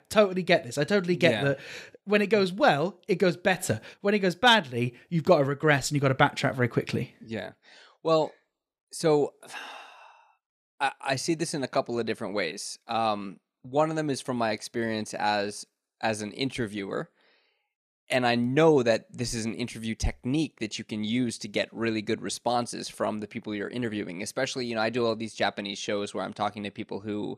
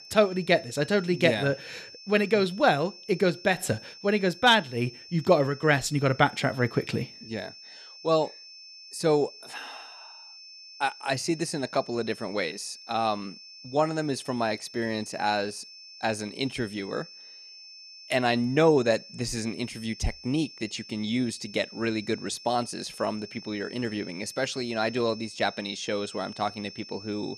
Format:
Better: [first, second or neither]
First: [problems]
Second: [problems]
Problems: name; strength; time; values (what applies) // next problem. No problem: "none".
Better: first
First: none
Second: high-pitched whine; noticeable; throughout; 5.5 kHz, 15 dB below the speech